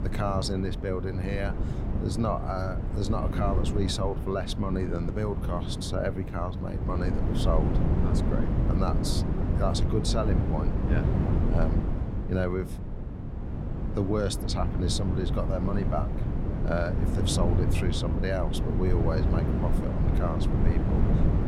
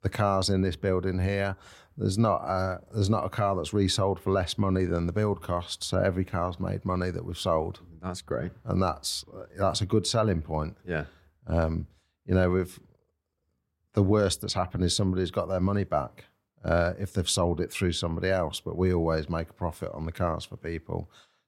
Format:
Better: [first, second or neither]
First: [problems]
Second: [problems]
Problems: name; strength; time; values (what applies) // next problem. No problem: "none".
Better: second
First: wind noise on the microphone; heavy; 4 dB below the speech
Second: none